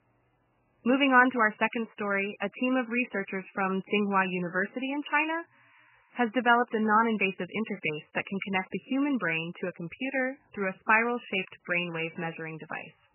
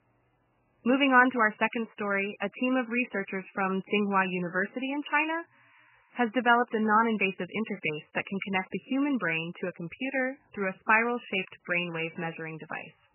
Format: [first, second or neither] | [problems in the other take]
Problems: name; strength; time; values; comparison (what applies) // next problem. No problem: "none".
neither | garbled, watery; badly; nothing above 3 kHz; the same in both